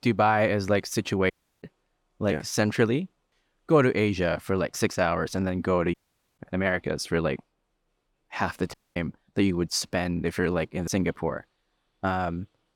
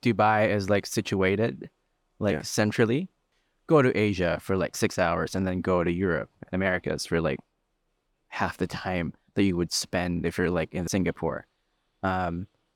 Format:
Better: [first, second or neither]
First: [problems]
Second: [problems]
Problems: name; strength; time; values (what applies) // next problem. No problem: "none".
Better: second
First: audio cutting out; at 1.5 s, at 6 s and at 8.5 s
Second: none